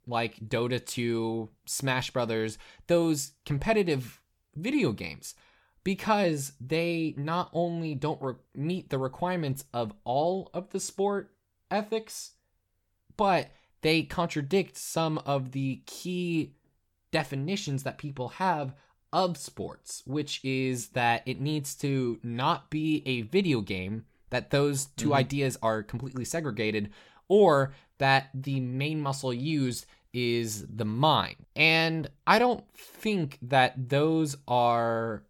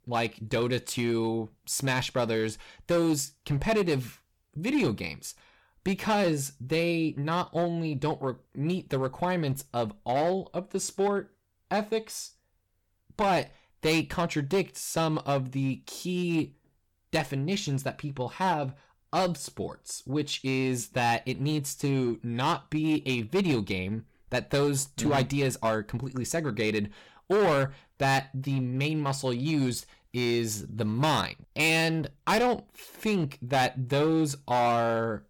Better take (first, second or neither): first